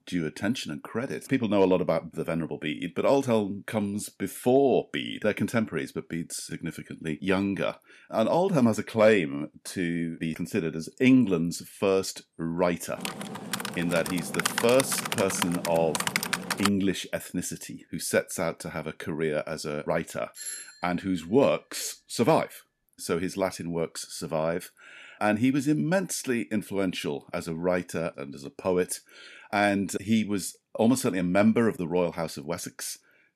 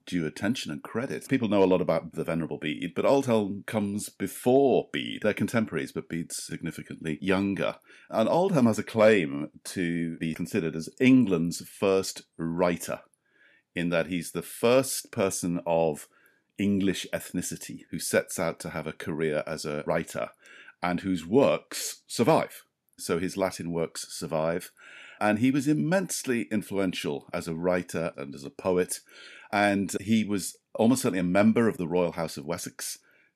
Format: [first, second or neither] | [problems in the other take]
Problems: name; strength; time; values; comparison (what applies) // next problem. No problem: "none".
second | keyboard typing; loud; from 13 to 17 s; peak level with the speech // doorbell; noticeable; at 20 s; peak 8 dB below the speech